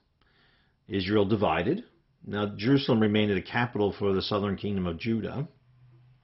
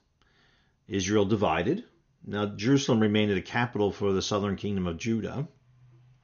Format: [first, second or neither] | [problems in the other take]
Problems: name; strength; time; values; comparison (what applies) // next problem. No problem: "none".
second | garbled, watery; badly; nothing above 5.5 kHz; slightly in the second